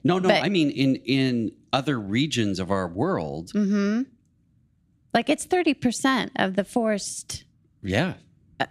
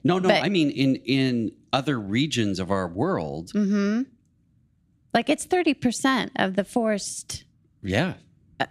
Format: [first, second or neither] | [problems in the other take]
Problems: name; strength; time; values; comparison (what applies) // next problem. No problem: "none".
neither | none